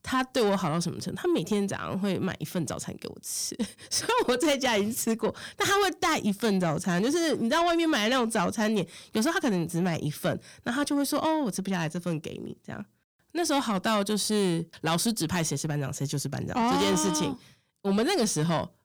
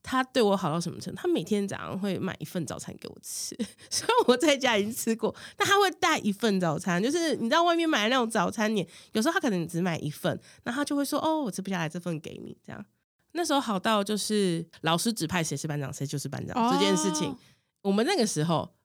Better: second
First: distortion; slight; 10 dB below the speech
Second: none

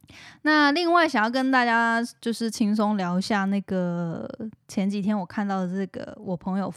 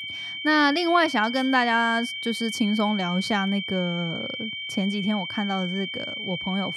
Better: first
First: none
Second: high-pitched whine; loud; throughout; 3 kHz, 6 dB below the speech

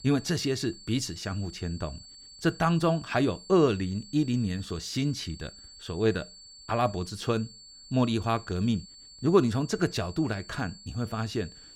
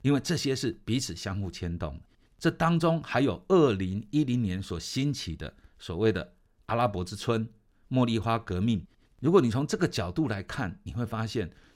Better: second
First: high-pitched whine; noticeable; throughout; 4.5 kHz, 20 dB below the speech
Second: none

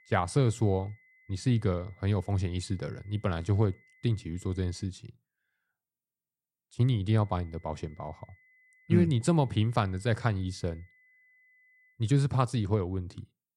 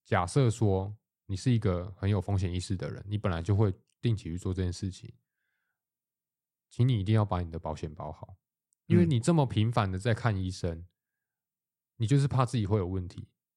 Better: second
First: high-pitched whine; faint; until 5 s and from 7 to 12 s; 2 kHz, 30 dB below the speech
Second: none

